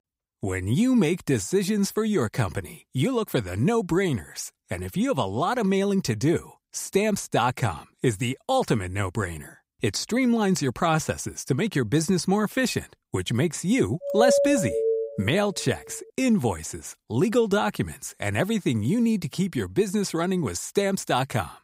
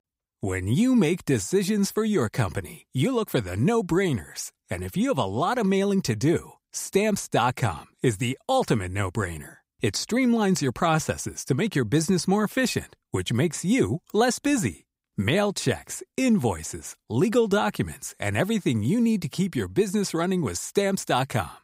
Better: second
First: doorbell; loud; from 14 to 15 s; peak 4 dB above the speech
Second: none

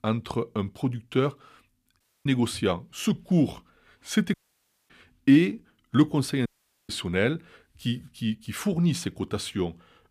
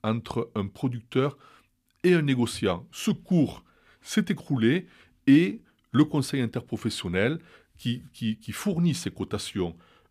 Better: second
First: audio cutting out; at 2 s, at 4.5 s for 0.5 s and at 6.5 s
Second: none

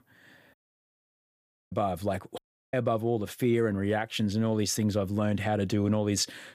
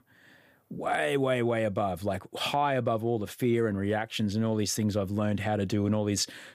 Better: second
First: audio cutting out; at 0.5 s for 1 s and at 2.5 s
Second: none

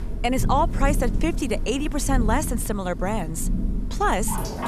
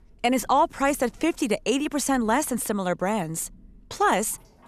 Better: second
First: rain or running water; loud; throughout; 3 dB below the speech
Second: rain or running water; faint; throughout; 30 dB below the speech

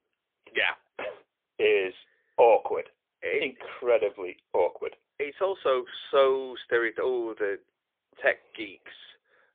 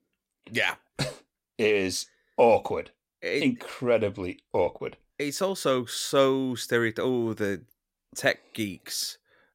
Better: second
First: phone-call audio; poor line; nothing above 3.5 kHz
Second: none

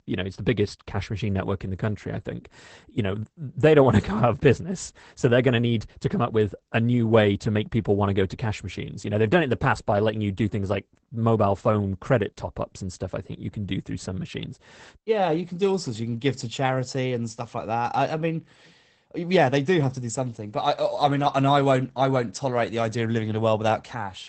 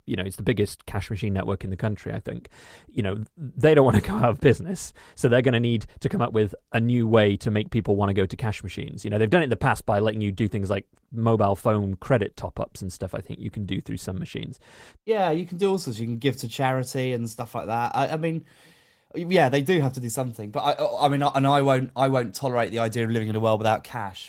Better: second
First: garbled, watery; badly; nothing above 8 kHz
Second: garbled, watery; slightly; nothing above 16 kHz

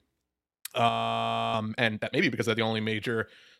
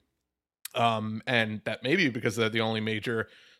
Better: second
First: audio freezing; at 1 s for 0.5 s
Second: none

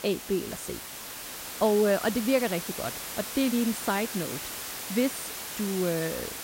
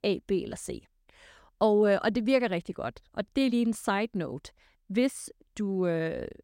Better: second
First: hiss; loud; throughout; 6 dB below the speech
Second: none

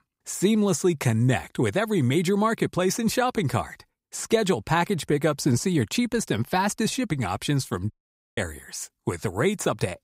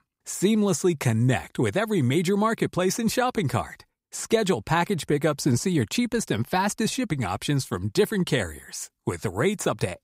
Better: second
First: audio cutting out; at 8 s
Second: none

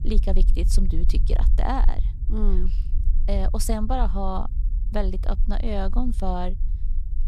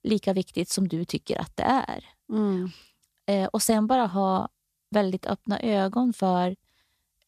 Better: second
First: low rumble; noticeable; throughout; 15 dB below the speech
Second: none

